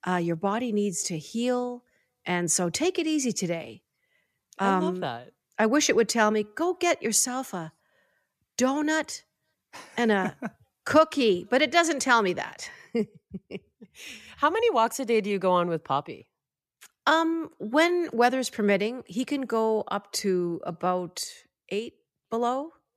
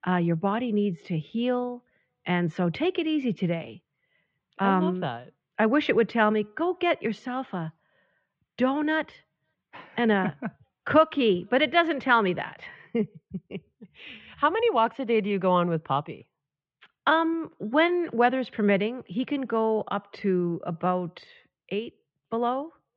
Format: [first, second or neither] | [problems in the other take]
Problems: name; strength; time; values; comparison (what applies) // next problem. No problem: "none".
first | muffled; very; fading above 3.5 kHz